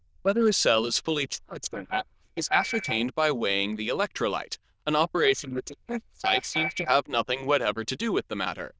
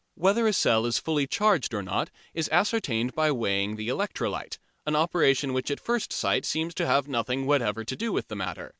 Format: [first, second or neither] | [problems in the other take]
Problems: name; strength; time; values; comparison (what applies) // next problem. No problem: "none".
second | noise reduction (neural diffusion model UNIVERSE++)